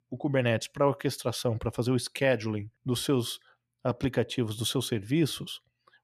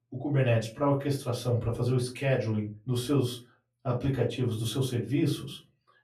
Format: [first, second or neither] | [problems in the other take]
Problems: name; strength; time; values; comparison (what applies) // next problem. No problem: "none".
first | off-mic speech; far // room echo; slight; dies away in 0.3 s